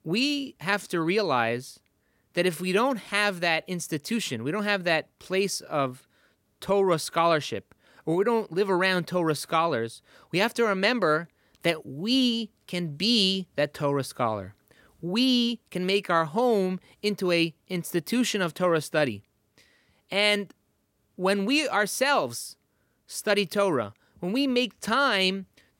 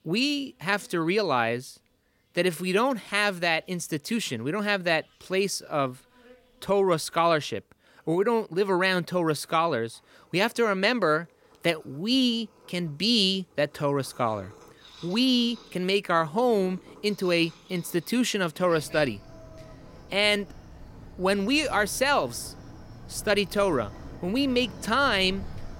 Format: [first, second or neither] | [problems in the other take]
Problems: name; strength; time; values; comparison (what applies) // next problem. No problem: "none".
first | animal sounds; faint; throughout; 20 dB below the speech